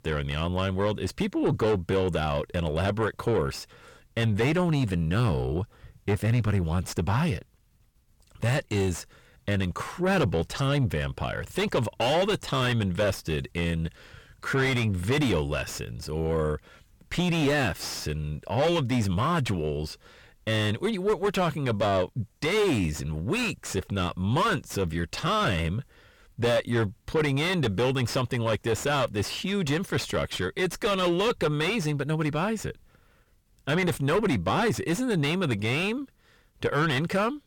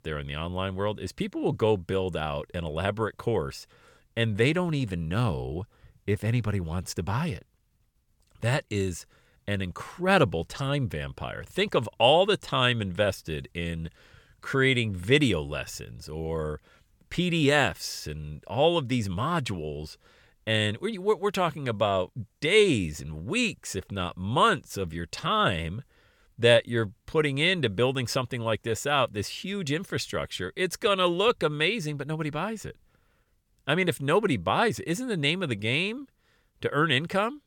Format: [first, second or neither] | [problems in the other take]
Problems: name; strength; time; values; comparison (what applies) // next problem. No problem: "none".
second | distortion; heavy; 5 dB below the speech